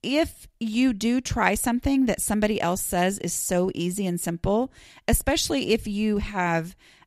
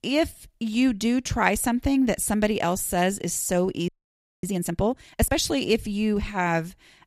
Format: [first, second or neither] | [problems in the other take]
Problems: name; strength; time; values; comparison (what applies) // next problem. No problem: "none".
first | audio freezing; at 4 s for 0.5 s